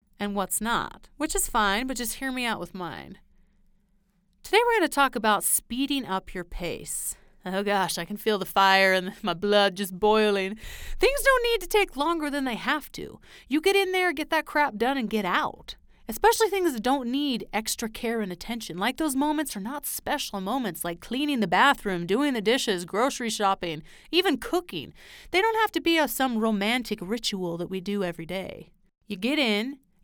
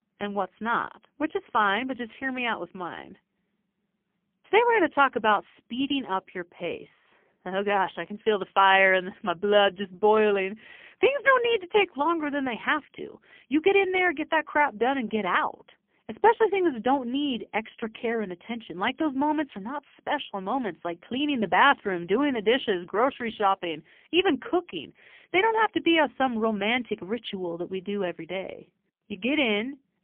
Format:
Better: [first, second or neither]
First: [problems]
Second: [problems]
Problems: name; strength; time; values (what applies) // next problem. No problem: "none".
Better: first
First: none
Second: phone-call audio; poor line; nothing above 3.5 kHz